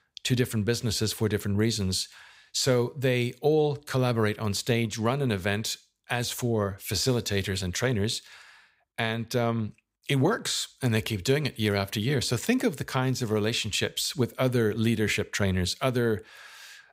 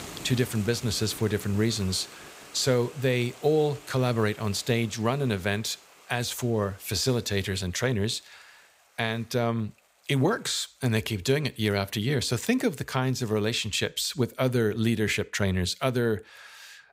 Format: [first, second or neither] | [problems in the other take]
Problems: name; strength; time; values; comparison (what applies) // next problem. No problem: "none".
first | hiss; noticeable; until 13 s; 20 dB below the speech